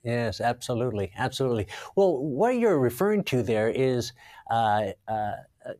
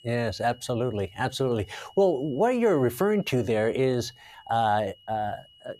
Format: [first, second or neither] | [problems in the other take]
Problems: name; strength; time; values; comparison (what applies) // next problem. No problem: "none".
first | high-pitched whine; faint; throughout; 3 kHz, 25 dB below the speech